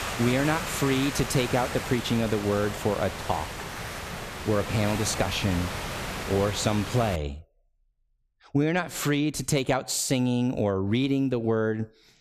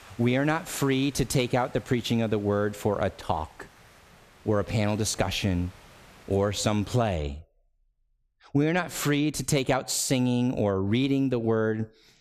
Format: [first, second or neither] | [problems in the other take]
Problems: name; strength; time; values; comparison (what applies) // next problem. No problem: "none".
second | hiss; loud; until 7 s; 7 dB below the speech; faint in the second